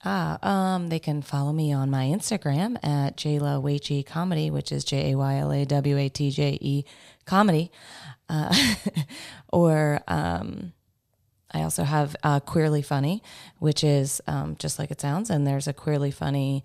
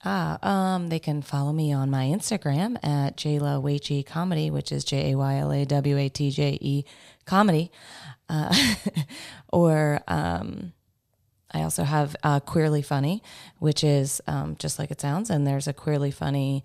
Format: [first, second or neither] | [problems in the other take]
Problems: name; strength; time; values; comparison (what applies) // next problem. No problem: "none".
neither | none